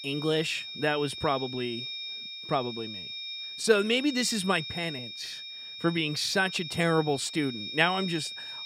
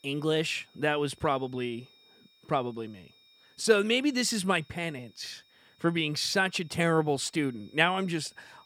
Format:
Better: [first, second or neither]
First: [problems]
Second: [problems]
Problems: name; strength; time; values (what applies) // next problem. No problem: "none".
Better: second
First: high-pitched whine; loud; throughout; 3.5 kHz, 8 dB below the speech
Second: high-pitched whine; faint; throughout; 3.5 kHz, 30 dB below the speech